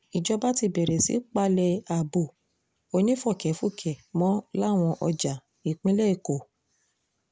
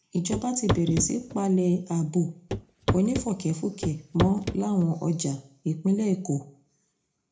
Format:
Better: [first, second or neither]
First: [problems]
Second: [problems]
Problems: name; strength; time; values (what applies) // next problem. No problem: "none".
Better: first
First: none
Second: background sound (Walk, footsteps / Run / Wood); 4 dB below the speech // room echo; dies away in 0.3 s